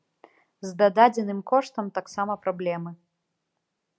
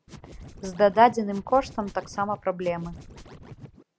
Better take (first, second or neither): first